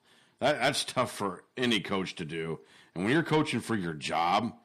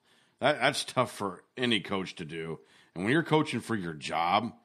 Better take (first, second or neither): second